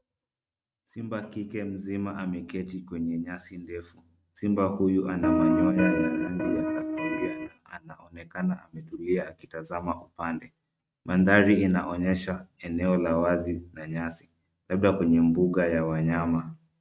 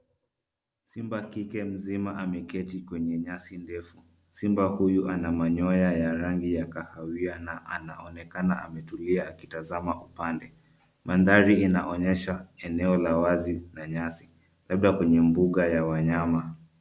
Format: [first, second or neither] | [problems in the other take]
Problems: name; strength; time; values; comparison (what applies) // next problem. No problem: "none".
second | noise reduction (neural mask model RNNoise)